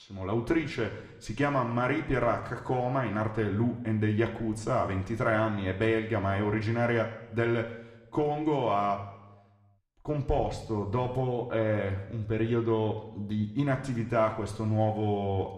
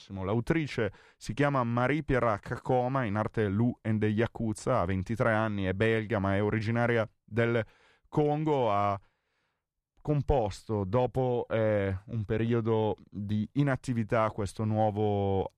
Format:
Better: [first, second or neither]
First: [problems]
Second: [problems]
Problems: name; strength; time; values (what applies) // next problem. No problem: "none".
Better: second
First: room echo; slight; dies away in 0.9 s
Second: none